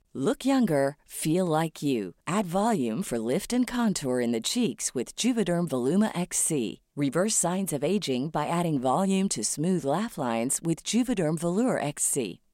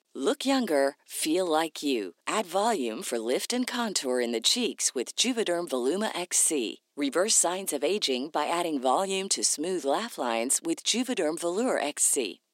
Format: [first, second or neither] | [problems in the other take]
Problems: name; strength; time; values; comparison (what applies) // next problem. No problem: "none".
first | thin; very slightly; fading below 250 Hz